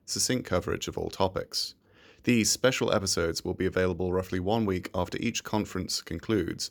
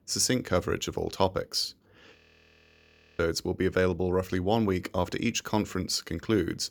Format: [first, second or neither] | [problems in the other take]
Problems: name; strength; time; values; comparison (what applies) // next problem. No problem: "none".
first | audio freezing; at 2 s for 1 s